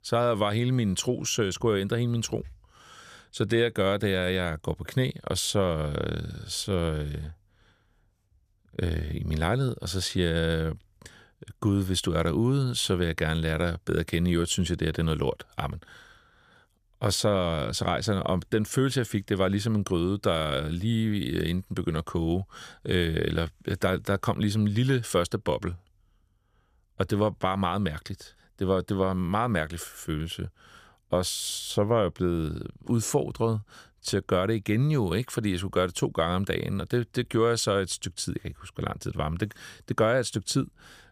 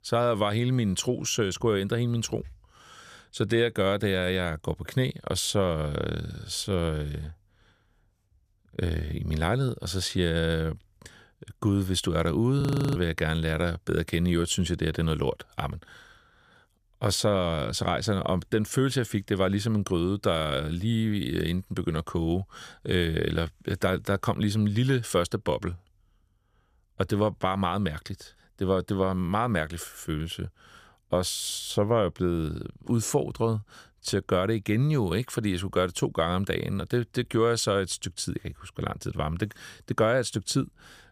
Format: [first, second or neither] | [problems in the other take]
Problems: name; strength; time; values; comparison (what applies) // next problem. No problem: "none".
first | audio freezing; at 13 s